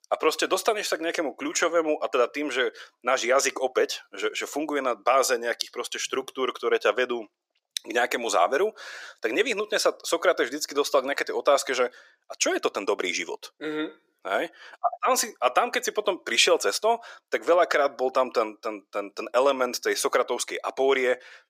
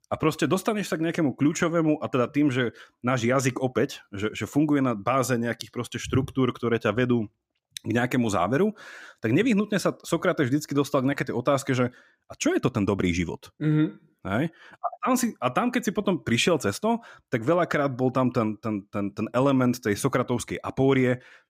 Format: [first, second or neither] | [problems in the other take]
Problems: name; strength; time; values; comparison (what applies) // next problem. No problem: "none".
second | thin; very; fading below 450 Hz